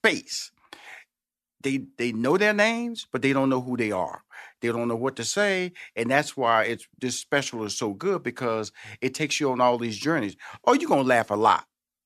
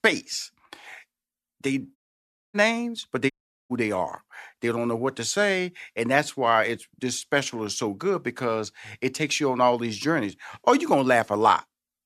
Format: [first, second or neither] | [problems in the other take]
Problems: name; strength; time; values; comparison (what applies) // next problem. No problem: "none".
first | audio cutting out; at 2 s for 0.5 s and at 3.5 s